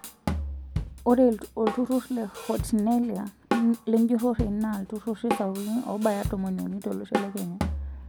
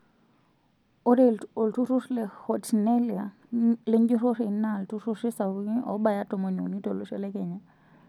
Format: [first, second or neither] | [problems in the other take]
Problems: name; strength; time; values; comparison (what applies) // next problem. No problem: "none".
second | background sound (Drum kit); 7 dB below the speech